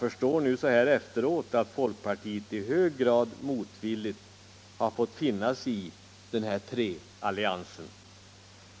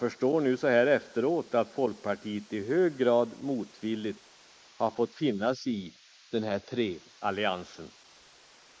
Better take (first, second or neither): first